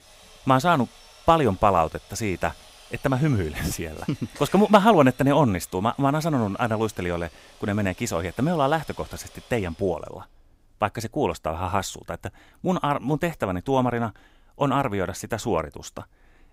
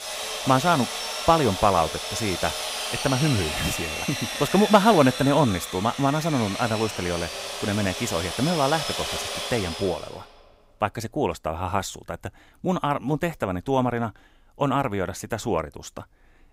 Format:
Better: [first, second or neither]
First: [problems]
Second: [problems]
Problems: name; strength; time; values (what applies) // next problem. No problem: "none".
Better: first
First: machinery noise; faint; until 9.5 s; 25 dB below the speech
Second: machinery noise; loud; until 9.5 s; 5 dB below the speech